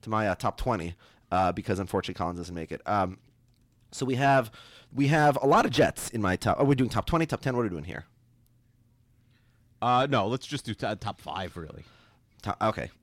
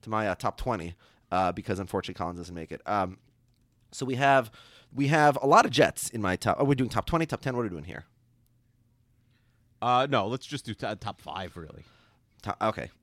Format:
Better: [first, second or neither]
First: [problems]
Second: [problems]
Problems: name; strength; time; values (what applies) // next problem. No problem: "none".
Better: second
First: distortion; slight; 10 dB below the speech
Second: none